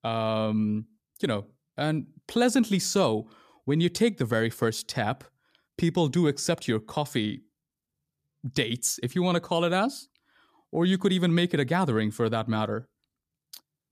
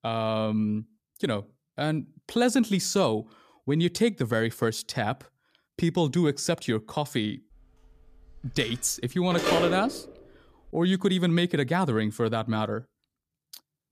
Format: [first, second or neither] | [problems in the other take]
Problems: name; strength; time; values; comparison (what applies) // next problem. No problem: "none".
first | phone ringing; loud; from 8.5 to 10 s; peak 1 dB above the speech